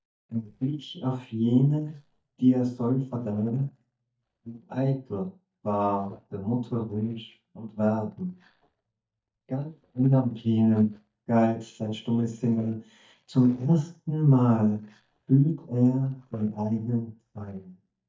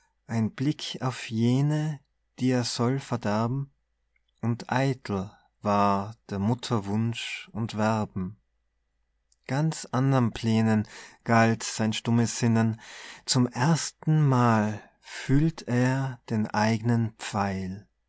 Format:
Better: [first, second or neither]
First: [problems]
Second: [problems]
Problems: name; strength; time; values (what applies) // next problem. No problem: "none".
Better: second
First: noise reduction (neural mask model DeepFilterNet 3)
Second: none